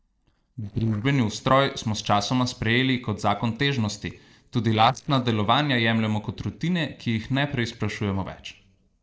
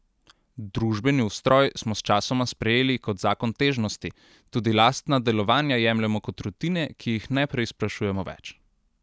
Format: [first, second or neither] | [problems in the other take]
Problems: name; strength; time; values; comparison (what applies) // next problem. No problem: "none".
second | noise reduction (neural separator model SepFormer DNS4)